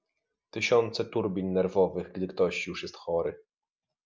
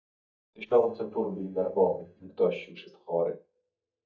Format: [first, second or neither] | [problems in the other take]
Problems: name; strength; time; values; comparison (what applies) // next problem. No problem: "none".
first | noise reduction (neural mask model DeepFilterNet 3)